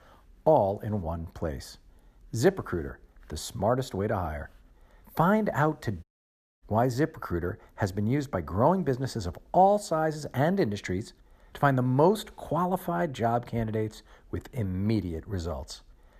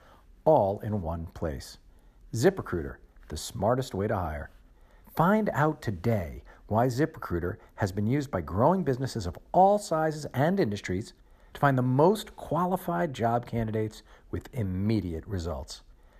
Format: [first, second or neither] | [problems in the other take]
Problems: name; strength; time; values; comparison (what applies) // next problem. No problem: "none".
second | audio cutting out; at 6 s for 0.5 s